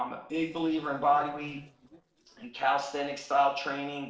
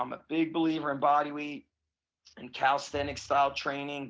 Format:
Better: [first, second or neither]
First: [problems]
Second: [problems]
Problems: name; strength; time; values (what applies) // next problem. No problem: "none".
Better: second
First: noise reduction (neural separator model SepFormer DNS4)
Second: none